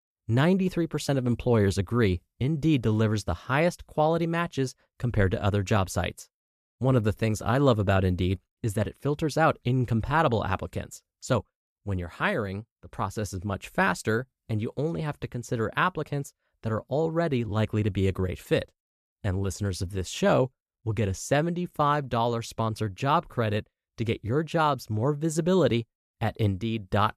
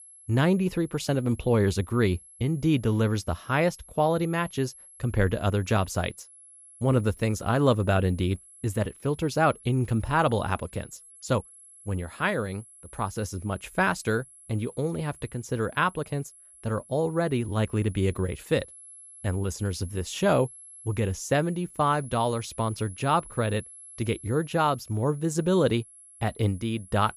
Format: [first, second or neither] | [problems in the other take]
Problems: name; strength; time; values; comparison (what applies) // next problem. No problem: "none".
first | high-pitched whine; faint; throughout; 11 kHz, 20 dB below the speech